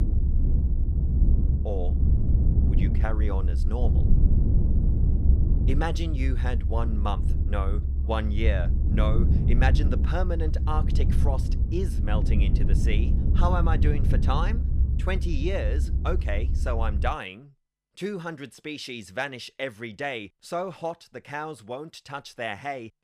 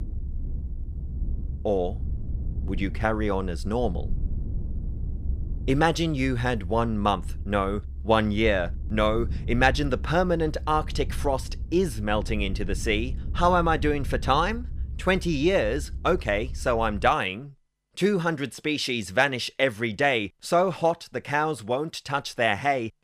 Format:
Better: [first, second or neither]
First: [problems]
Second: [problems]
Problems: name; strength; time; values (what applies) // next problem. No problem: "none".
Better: second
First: low rumble; loud; until 17 s; 7 dB below the speech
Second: low rumble; faint; until 17 s; 25 dB below the speech